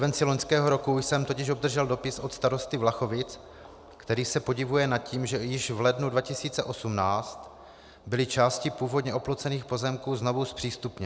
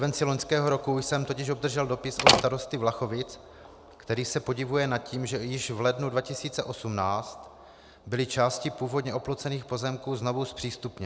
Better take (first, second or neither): first